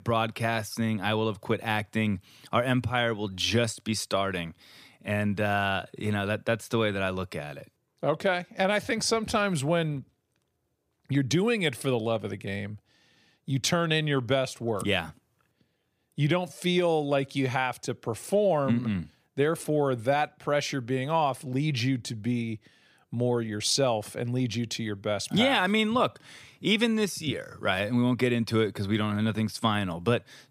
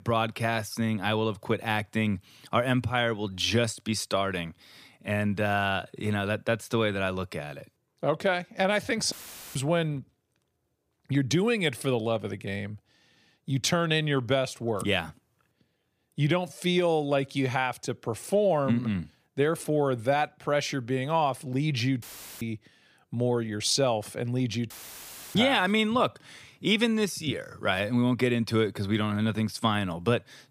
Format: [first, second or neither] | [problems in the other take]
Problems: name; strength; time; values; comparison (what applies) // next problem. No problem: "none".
first | audio cutting out; filled with static; at 9 s, at 22 s and at 25 s for 0.5 s